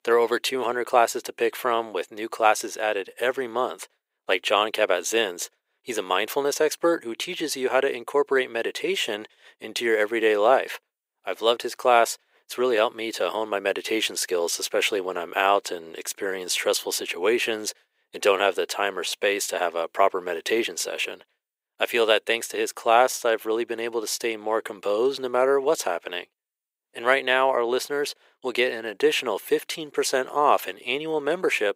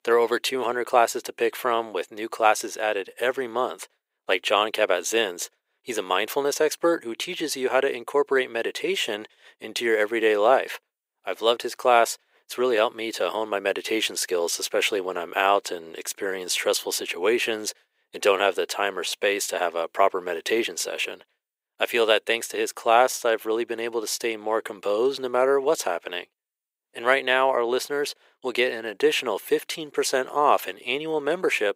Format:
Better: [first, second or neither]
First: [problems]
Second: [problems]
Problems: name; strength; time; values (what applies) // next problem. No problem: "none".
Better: neither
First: thin; very; fading below 400 Hz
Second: thin; very; fading below 400 Hz